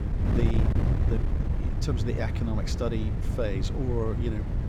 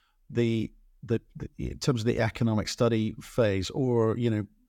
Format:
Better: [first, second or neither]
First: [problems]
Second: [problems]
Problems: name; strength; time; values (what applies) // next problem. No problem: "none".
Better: second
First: wind noise on the microphone; heavy; 3 dB below the speech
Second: none